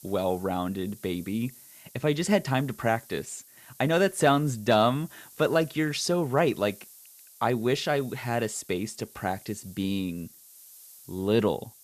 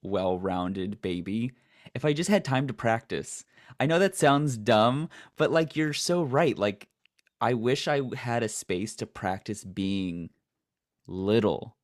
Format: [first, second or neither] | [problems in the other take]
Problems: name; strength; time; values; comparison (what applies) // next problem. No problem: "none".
second | hiss; faint; throughout; 20 dB below the speech